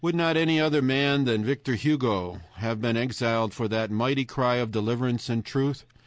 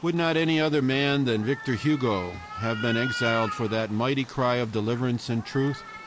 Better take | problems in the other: first | background sound (Cat); 12 dB below the speech

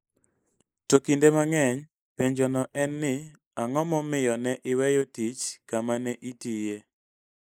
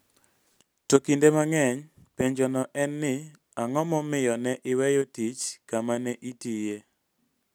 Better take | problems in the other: second | noise reduction (neural mask model Resemble Enhance denoiser)

